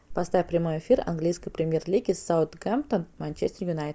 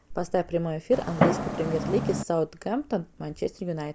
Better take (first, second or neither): first